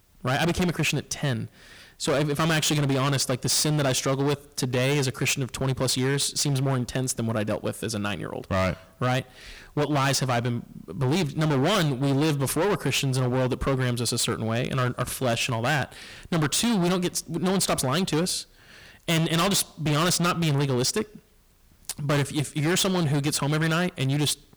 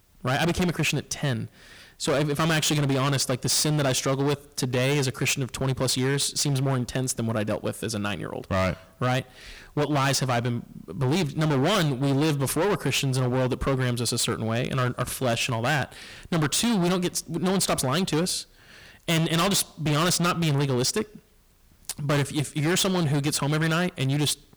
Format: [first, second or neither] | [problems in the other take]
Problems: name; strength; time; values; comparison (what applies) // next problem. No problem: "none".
neither | distortion; heavy; 20% of the sound clipped; the same in both